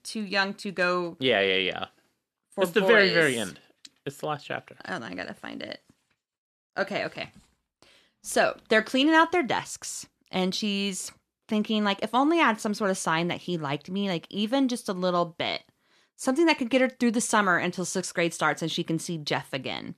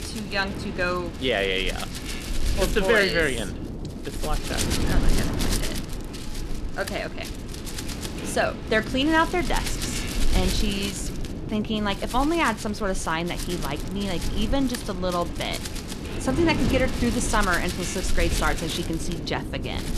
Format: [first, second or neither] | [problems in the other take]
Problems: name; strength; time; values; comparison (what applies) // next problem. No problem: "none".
first | wind noise on the microphone; heavy; 8 dB below the speech